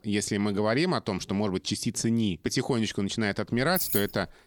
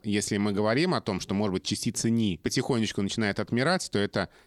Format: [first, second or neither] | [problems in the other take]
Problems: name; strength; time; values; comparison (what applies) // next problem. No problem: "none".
second | jangling keys; loud; at 3.5 s; peak level with the speech